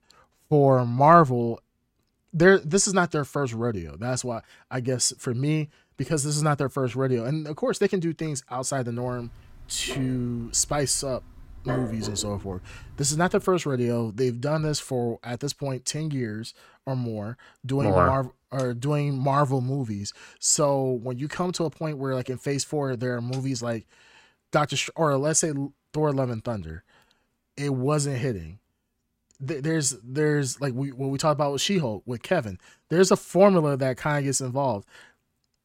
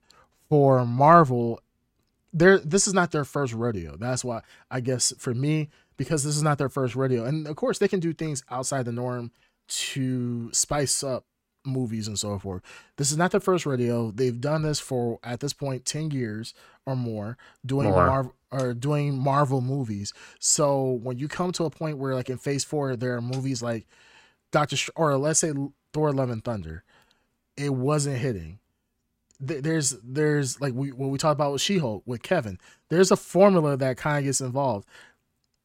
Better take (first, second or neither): second